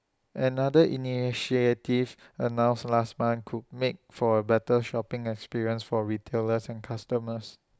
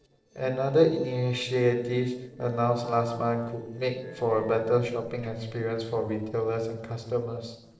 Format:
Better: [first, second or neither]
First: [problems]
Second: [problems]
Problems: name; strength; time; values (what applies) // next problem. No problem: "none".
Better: first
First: none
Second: noise reduction (neural separator model SepFormer DNS4)